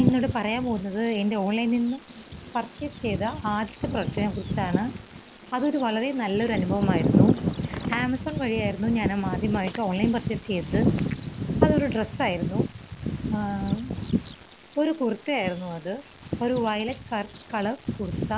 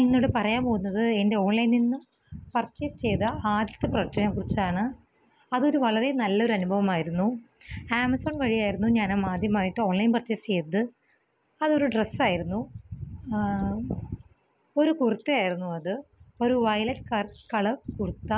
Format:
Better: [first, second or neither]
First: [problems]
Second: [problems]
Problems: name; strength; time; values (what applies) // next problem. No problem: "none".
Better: second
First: background sound (Bird vocalization, bird call, bird song); 2 dB below the speech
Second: none